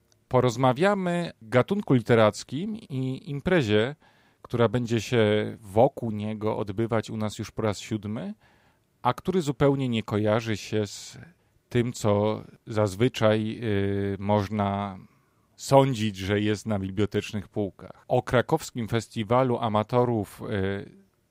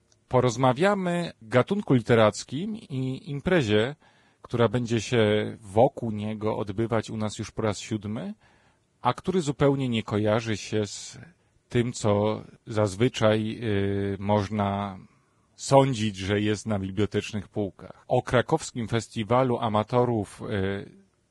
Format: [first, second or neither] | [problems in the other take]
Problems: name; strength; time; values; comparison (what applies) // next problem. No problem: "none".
first | garbled, watery; badly